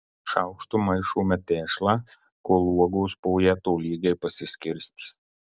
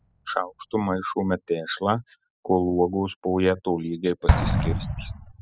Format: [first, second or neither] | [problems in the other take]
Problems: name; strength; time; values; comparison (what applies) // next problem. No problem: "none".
first | noise reduction (classical method spectral subtraction)